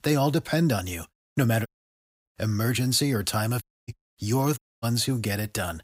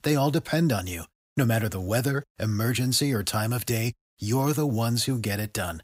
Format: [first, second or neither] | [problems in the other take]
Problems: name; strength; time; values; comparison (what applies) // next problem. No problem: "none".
second | audio cutting out; at 1.5 s for 0.5 s, at 3.5 s and at 4.5 s